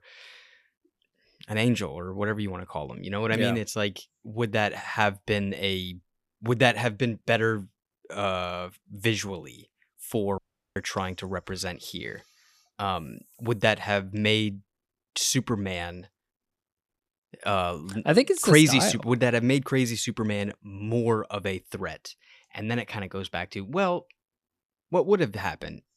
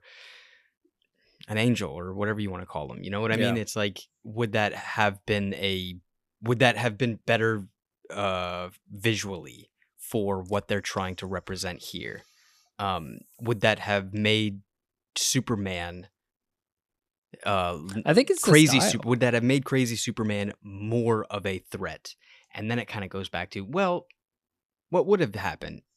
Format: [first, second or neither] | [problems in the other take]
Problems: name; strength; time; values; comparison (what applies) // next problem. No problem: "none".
second | audio cutting out; at 10 s